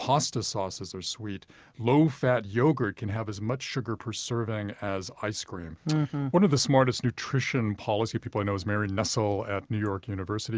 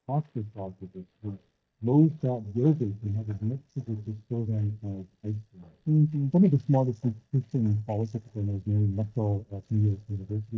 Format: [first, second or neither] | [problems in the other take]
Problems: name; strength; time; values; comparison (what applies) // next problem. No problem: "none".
first | noise reduction (neural mask model DeepFilterNet 3)